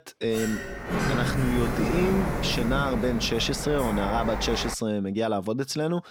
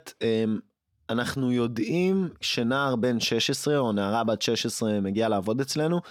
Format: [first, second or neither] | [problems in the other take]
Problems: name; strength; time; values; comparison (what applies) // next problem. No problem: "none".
second | door banging; loud; until 5 s; peak 1 dB above the speech